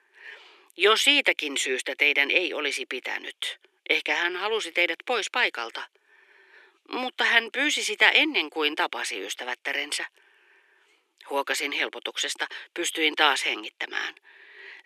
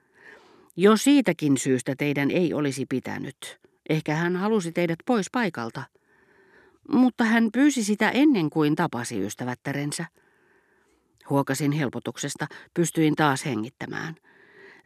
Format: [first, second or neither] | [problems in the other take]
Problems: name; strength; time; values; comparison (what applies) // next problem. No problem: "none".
second | thin; very; fading below 400 Hz